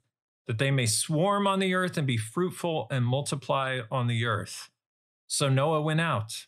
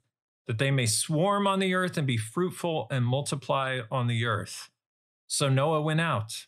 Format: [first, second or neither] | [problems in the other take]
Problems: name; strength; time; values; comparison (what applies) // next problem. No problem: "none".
neither | none